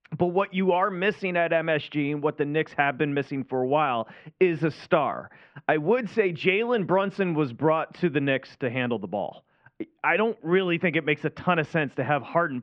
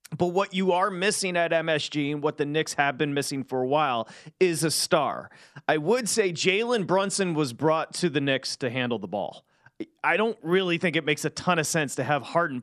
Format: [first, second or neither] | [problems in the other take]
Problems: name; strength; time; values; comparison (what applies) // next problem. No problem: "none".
second | muffled; very; fading above 2.5 kHz